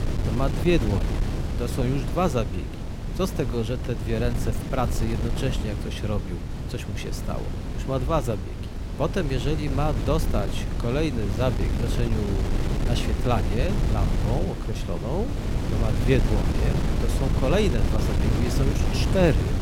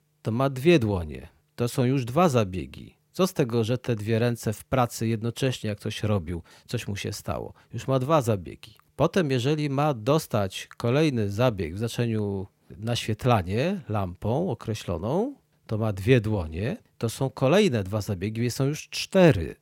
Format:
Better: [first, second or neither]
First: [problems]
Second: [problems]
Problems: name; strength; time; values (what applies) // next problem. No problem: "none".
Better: second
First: wind noise on the microphone; heavy; 5 dB below the speech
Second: none